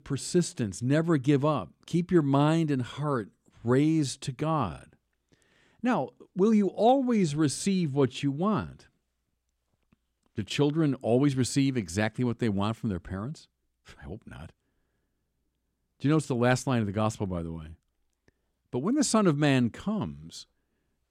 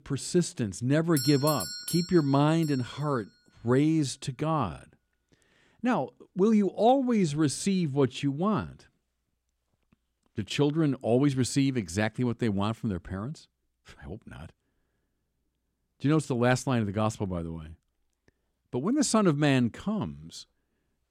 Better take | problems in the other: first | doorbell; noticeable; from 1 to 3 s; peak 4 dB below the speech

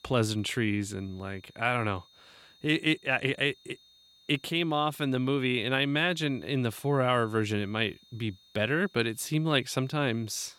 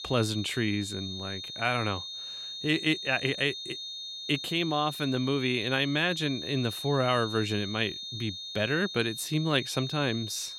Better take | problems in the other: first | high-pitched whine; loud; throughout; 3.5 kHz, 7 dB below the speech; faint in the first

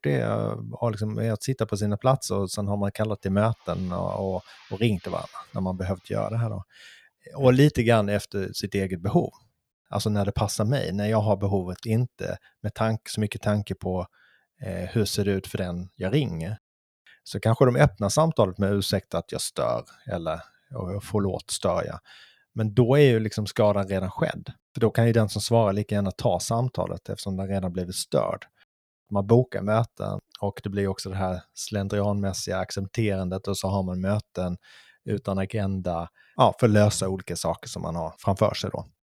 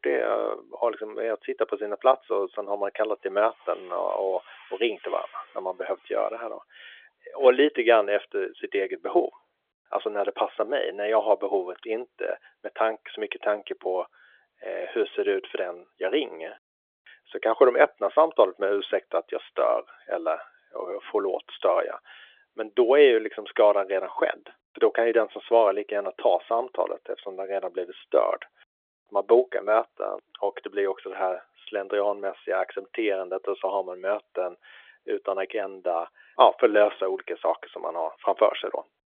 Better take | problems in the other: first | phone-call audio; nothing above 3.5 kHz

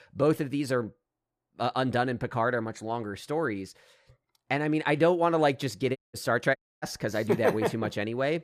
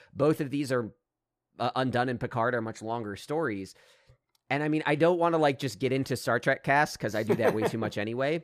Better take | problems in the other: second | audio cutting out; at 6 s and at 6.5 s

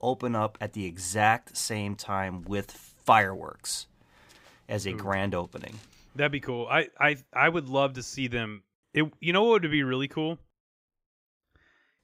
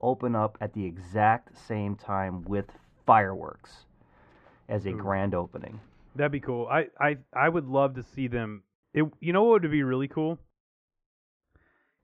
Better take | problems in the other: first | muffled; very; fading above 4 kHz

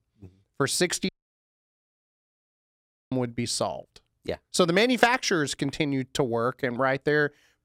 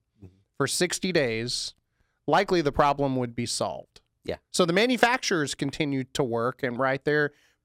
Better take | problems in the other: second | audio cutting out; at 1 s for 2 s

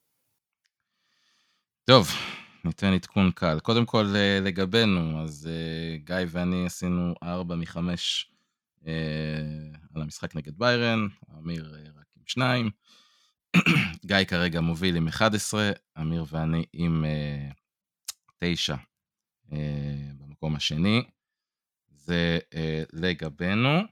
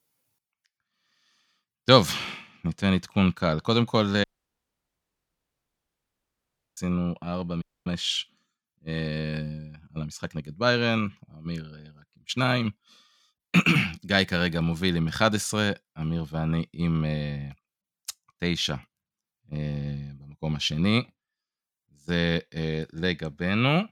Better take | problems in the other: first | audio cutting out; at 4 s for 2.5 s and at 7.5 s

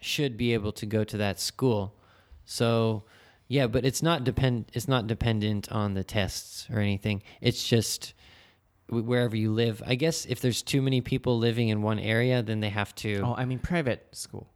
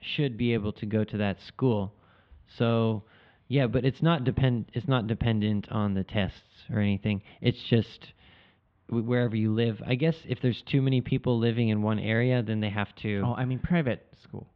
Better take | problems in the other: first | muffled; very; fading above 3.5 kHz

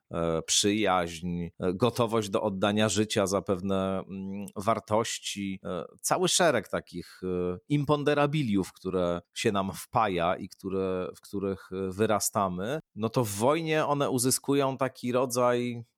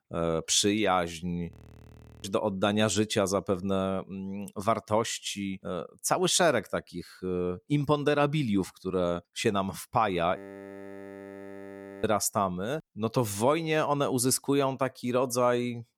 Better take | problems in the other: first | audio freezing; at 1.5 s for 0.5 s and at 10 s for 1.5 s

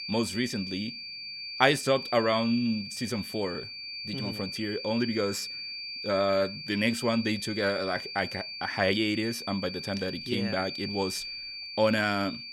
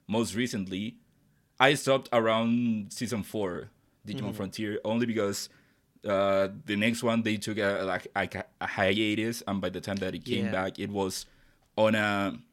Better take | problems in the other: second | high-pitched whine; loud; throughout; 4.5 kHz, 7 dB below the speech

